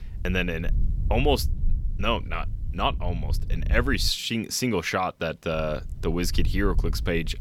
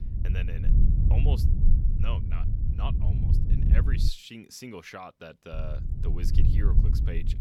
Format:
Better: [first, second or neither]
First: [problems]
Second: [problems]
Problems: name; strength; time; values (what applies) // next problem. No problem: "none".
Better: first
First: low rumble; faint; until 4 s and from 5.5 s on; 20 dB below the speech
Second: low rumble; loud; until 4 s and from 5.5 s on; 1 dB below the speech